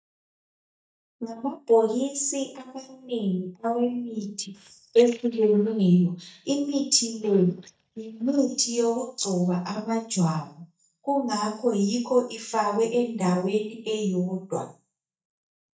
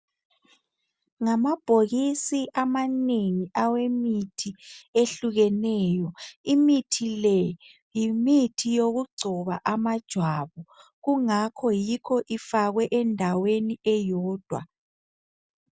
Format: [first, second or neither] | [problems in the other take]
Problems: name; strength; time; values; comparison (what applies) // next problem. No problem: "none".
second | noise reduction (neural mask model DeepFilterNet 3)